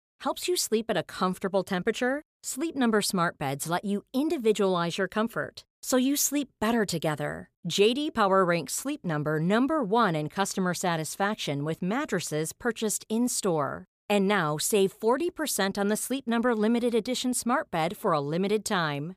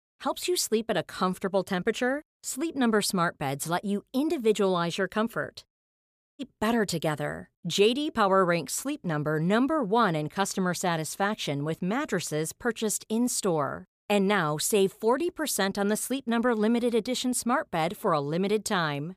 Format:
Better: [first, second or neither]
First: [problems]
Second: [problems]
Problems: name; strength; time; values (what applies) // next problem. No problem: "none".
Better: first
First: none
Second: audio cutting out; at 5.5 s for 0.5 s